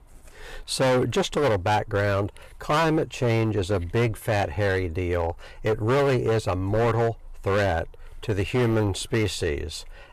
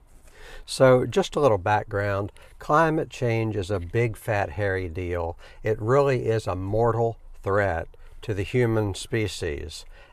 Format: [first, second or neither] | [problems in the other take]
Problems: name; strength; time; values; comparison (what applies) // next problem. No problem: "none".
second | distortion; heavy; 13% of the sound clipped